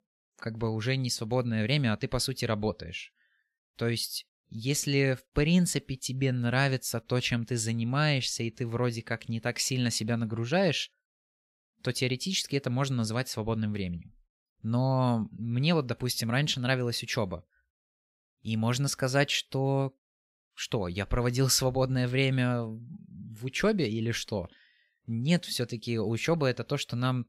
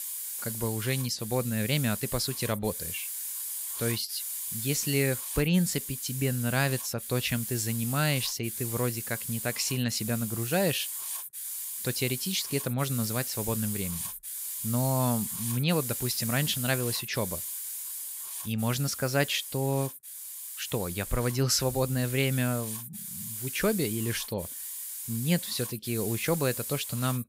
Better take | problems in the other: first | hiss; loud; throughout; 4 dB below the speech

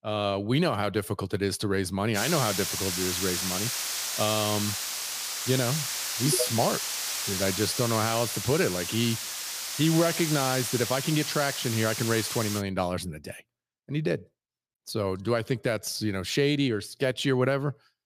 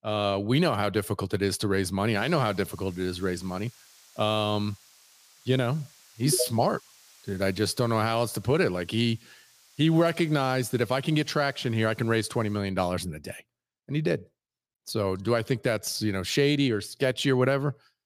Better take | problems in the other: second | hiss; loud; from 2 to 13 s; 2 dB below the speech; faint in the second

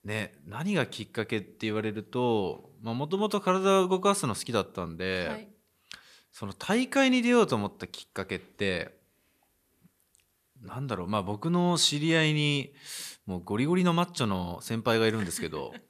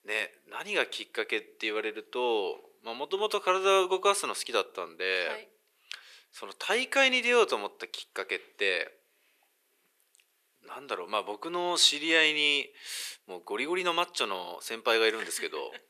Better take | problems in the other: first | thin; very; fading below 400 Hz

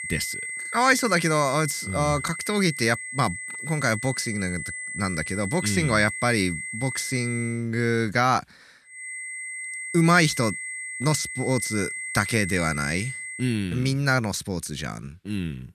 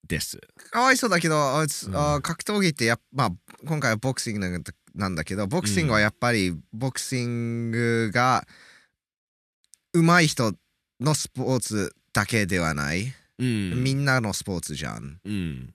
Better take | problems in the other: second | high-pitched whine; loud; until 7.5 s and from 9 to 13 s; 2 kHz, 7 dB below the speech

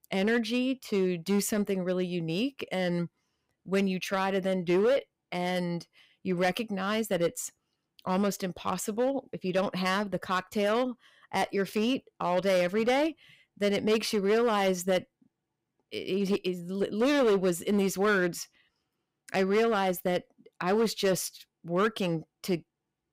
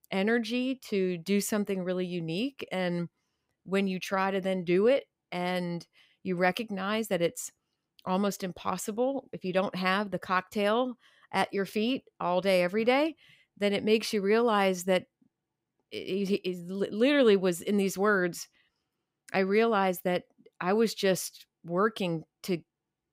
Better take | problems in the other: second | distortion; slight; 6% of the sound clipped

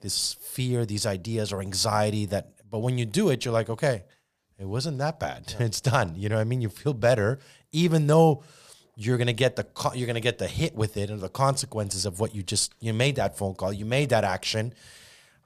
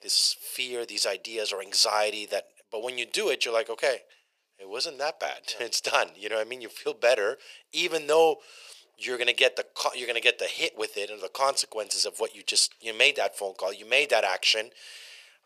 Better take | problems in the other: first | thin; very; fading below 450 Hz

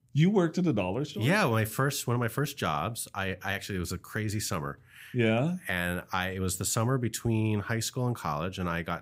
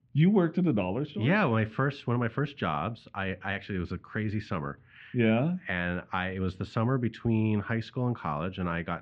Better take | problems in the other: first | muffled; very; fading above 3 kHz

